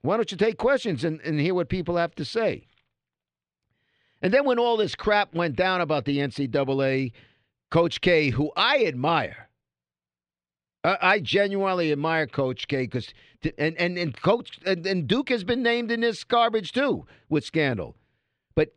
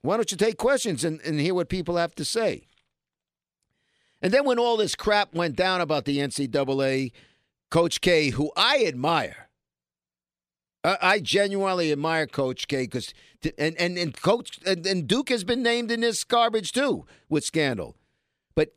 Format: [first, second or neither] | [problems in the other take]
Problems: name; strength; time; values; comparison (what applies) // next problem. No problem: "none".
second | muffled; very slightly; fading above 3 kHz